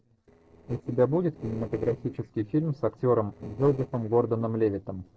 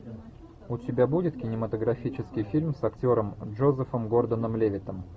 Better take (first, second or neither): second